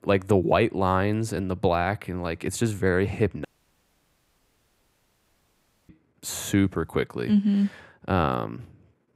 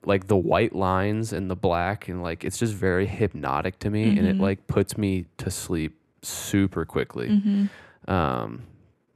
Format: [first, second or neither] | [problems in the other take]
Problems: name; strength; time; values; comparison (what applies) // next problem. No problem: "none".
second | audio cutting out; at 3.5 s for 2.5 s